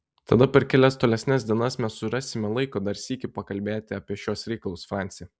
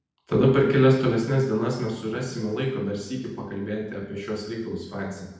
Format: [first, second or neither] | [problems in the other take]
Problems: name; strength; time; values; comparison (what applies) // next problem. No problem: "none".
first | room echo; dies away in 0.9 s